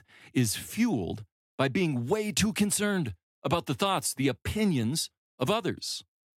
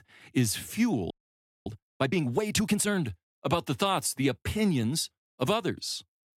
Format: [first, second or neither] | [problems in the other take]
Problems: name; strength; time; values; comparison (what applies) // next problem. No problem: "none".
first | audio freezing; at 1 s for 0.5 s